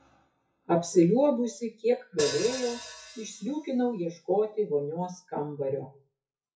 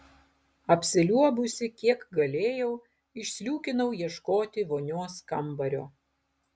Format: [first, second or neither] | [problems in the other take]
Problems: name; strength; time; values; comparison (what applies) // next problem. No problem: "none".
second | noise reduction (classical method WPE with log-MMSE)